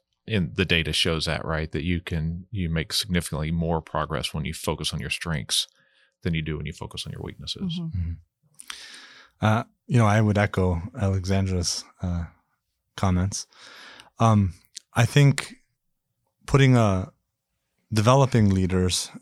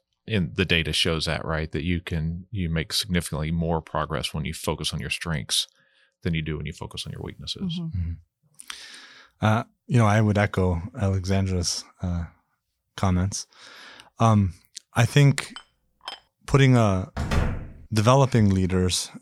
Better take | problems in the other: first | clattering dishes; faint; at 16 s; peak 15 dB below the speech // door banging; noticeable; at 17 s; peak 2 dB below the speech

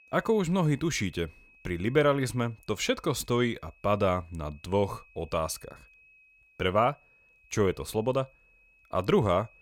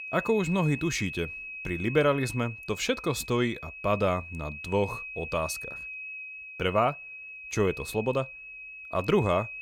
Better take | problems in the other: first | high-pitched whine; loud; throughout; 2.5 kHz, 9 dB below the speech; faint in the first

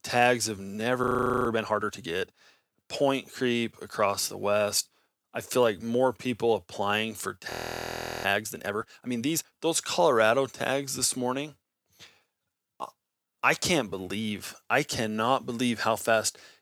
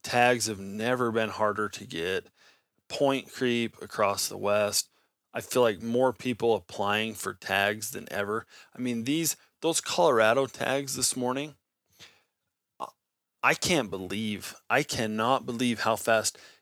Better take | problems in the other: second | audio freezing; at 1 s and at 7.5 s for 0.5 s

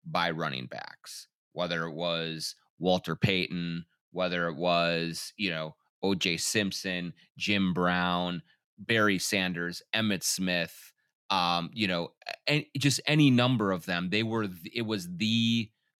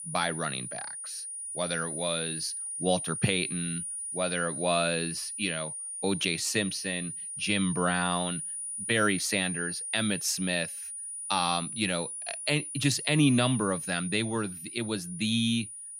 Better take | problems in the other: first | high-pitched whine; loud; throughout; 9.5 kHz, 5 dB below the speech

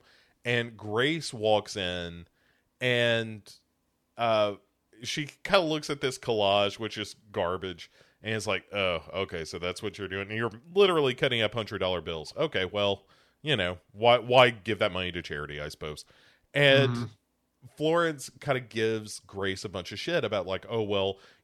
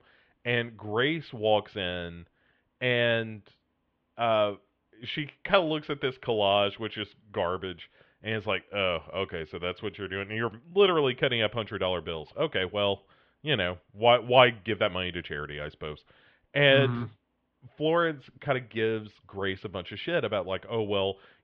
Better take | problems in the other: first | muffled; very; fading above 3 kHz

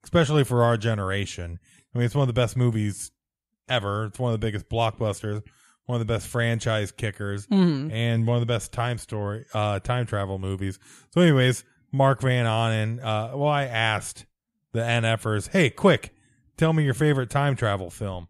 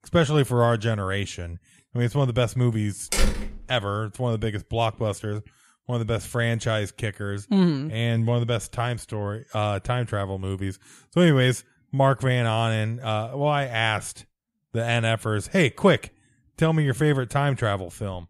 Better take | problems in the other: first | door banging; noticeable; at 3 s; peak 1 dB below the speech

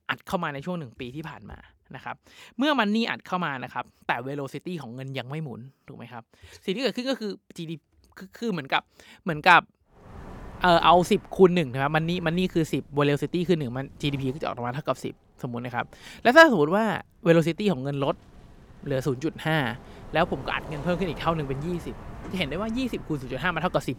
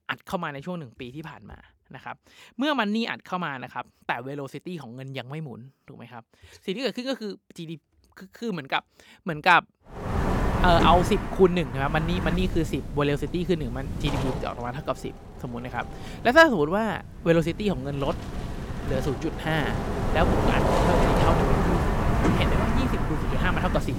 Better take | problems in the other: first | wind noise on the microphone; heavy; from 10 s on; 3 dB below the speech; occasional gusts in the first

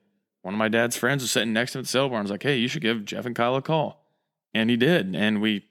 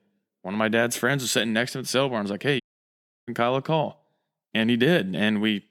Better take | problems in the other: first | audio cutting out; at 2.5 s for 0.5 s

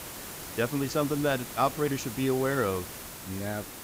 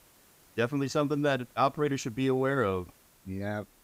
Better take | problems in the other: second | hiss; loud; throughout; 9 dB below the speech; faint in the second

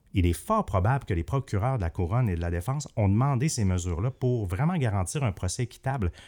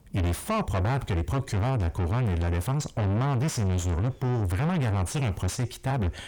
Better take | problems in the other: first | distortion; heavy; 6 dB below the speech

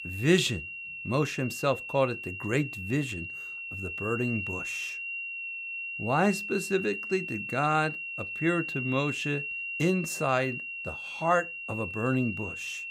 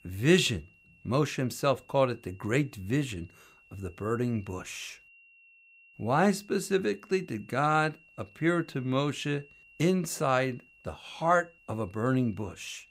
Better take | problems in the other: second | high-pitched whine; loud; throughout; 2.5 kHz, 5 dB below the speech; faint in the second

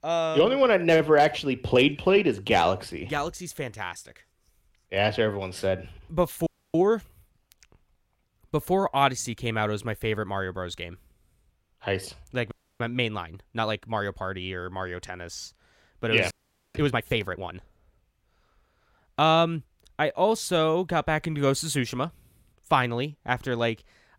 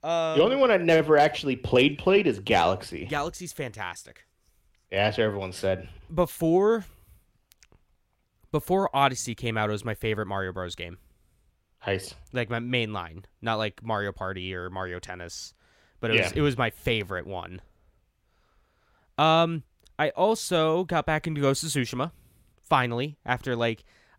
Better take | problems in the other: second | audio freezing; at 6.5 s, at 13 s and at 16 s

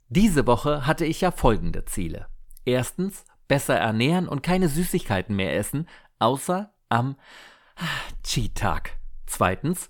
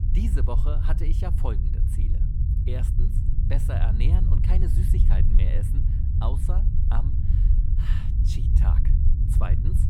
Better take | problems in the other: first | low rumble; loud; throughout; 1 dB below the speech

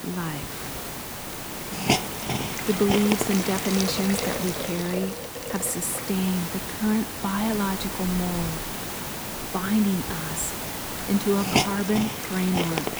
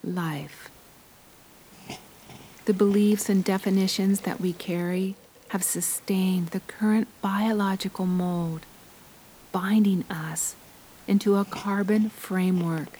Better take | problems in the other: second | hiss; loud; throughout; 2 dB below the speech; faint in the second

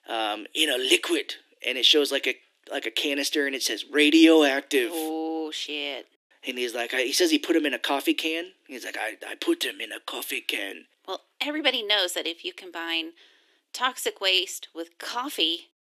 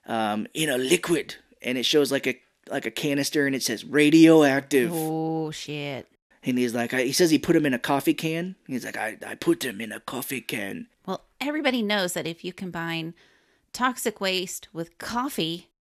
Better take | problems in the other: second | thin; very slightly; fading below 300 Hz

